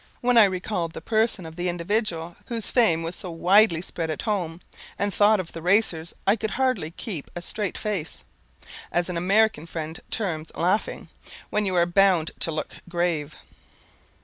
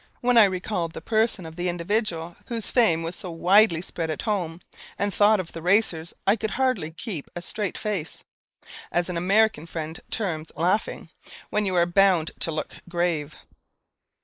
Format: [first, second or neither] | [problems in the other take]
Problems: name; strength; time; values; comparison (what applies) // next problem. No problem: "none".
first | noise reduction (neural mask model Resemble Enhance denoiser)